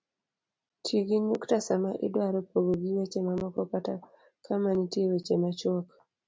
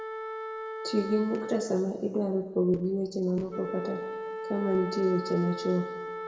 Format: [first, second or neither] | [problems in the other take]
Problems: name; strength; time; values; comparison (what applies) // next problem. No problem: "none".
first | background sound (Wind instrument, woodwind instrument); 8 dB below the speech // room echo; dies away in 1.2 s